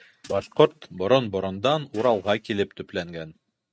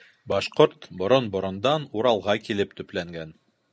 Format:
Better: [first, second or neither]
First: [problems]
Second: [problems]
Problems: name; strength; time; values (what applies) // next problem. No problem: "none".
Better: second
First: noise reduction (neural mask model RNNoise)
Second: none